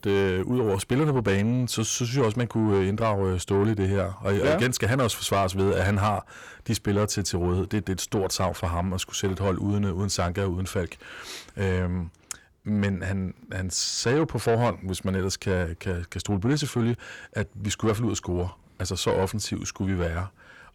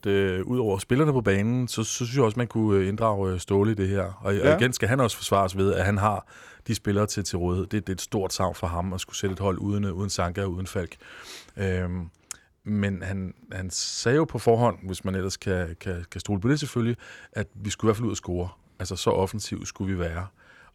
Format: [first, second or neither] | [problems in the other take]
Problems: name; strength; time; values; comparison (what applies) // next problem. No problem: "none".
second | distortion; slight; 10 dB below the speech